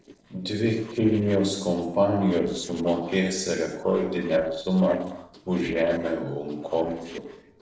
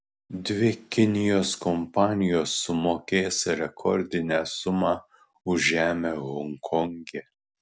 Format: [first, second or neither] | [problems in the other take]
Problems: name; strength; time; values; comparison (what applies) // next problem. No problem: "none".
second | noise reduction (neural separator model SepFormer DNS4)